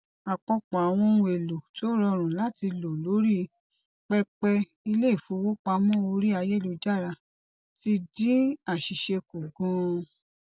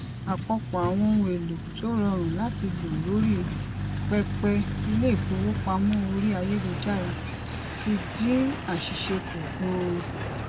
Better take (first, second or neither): first